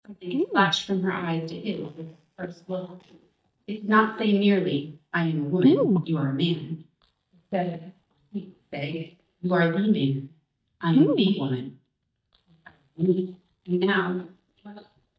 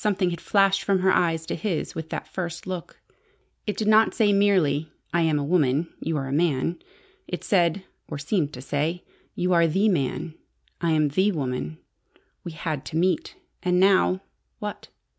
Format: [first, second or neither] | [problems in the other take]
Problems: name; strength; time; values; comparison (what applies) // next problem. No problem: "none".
second | noise reduction (neural mask model DeepFilterNet 3)